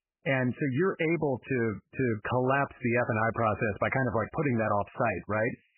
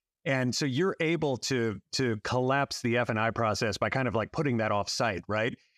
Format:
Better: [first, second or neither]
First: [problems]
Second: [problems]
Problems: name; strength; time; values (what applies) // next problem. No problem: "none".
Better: second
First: garbled, watery; badly; nothing above 2.5 kHz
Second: none